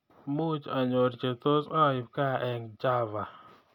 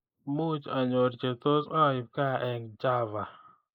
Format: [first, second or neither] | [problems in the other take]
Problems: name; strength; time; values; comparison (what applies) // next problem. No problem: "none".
first | noise reduction (neural mask model Resemble Enhance denoiser)